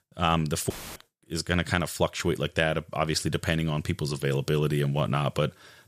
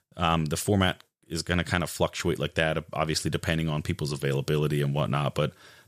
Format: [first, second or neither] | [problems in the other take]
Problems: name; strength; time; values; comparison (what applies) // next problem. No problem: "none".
second | audio cutting out; filled with static; at 0.5 s